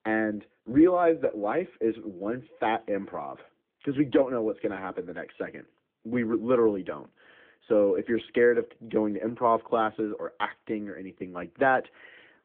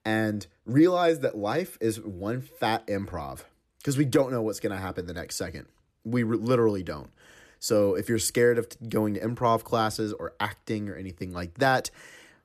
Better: second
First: phone-call audio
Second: none

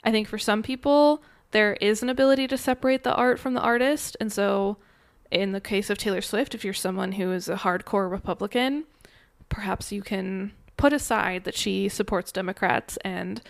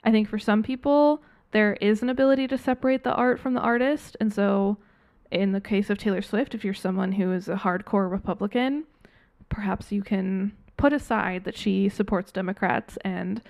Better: first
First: none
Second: muffled; slightly; fading above 4 kHz

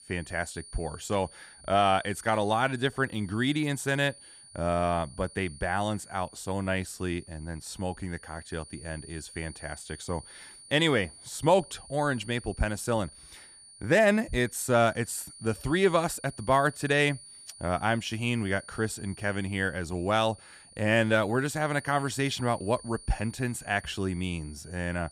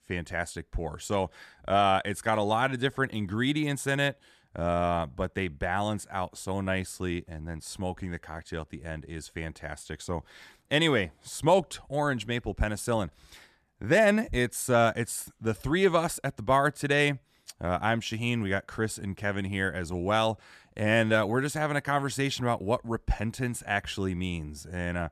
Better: second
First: high-pitched whine; noticeable; throughout; 9.5 kHz, 20 dB below the speech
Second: none

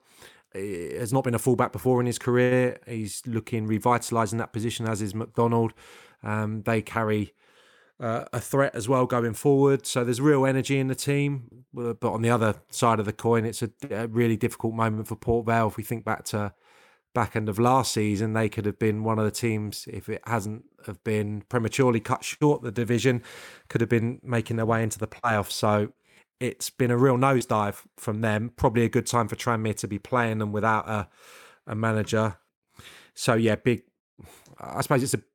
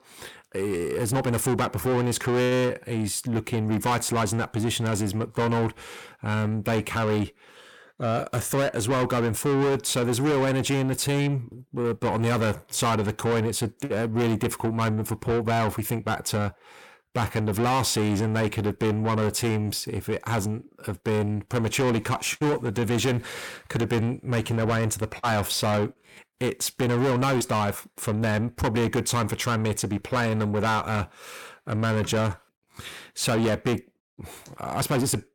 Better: first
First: none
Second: distortion; heavy; 7 dB below the speech

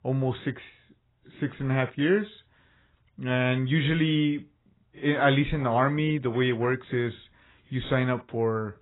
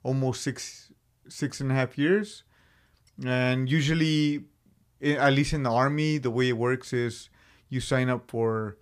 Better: second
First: garbled, watery; badly; nothing above 4 kHz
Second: none

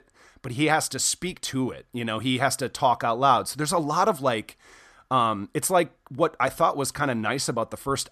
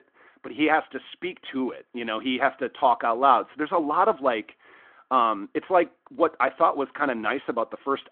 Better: first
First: none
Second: phone-call audio

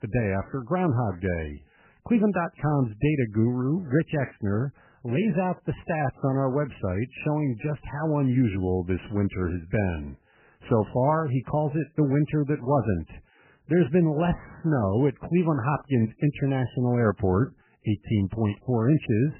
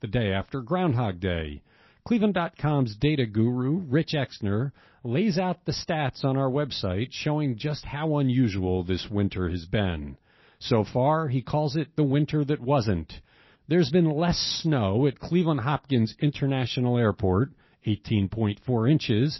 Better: second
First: garbled, watery; badly; nothing above 3 kHz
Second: garbled, watery; slightly; nothing above 5.5 kHz

